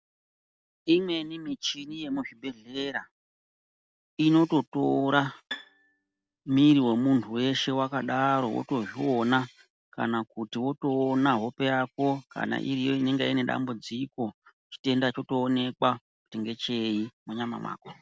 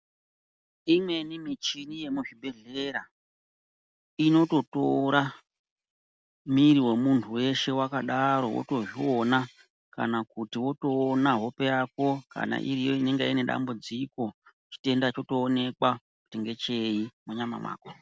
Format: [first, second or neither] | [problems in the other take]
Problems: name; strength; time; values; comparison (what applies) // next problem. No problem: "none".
second | background sound (Bowed string instrument); 16 dB below the speech